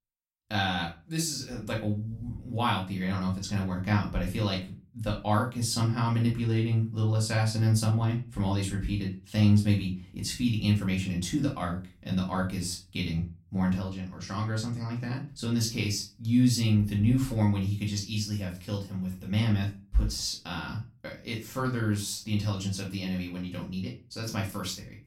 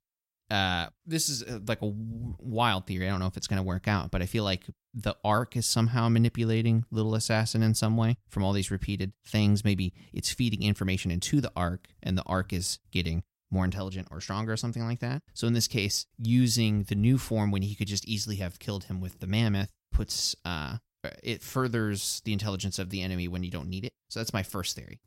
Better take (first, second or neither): second